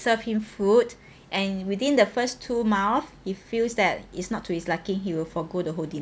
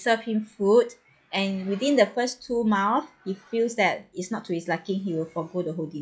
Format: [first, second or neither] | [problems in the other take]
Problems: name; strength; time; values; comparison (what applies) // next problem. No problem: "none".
first | noise reduction (classical method log-MMSE)